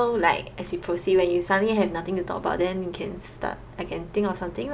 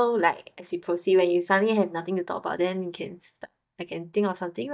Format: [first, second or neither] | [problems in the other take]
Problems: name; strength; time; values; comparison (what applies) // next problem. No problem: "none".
first | noise reduction (neural mask model DeepFilterNet 3)